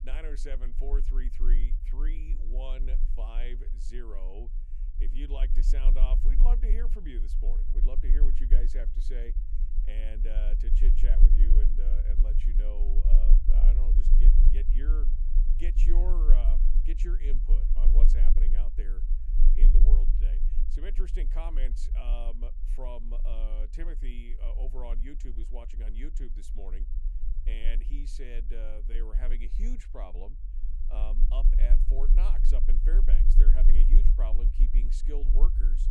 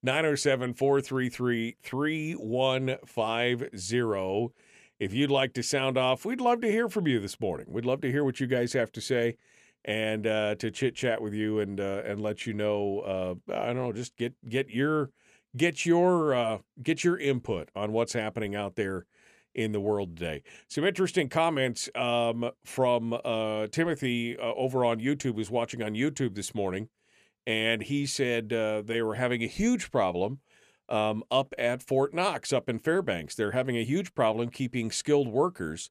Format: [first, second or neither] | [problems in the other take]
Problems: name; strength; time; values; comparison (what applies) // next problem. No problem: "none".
second | low rumble; loud; throughout; 6 dB below the speech